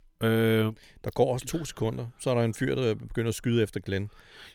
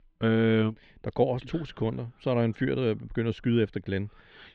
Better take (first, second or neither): first